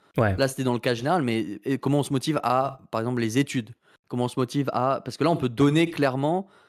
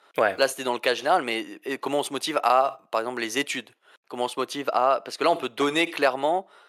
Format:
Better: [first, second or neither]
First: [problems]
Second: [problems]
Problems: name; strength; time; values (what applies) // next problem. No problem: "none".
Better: first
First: none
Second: thin; somewhat; fading below 550 Hz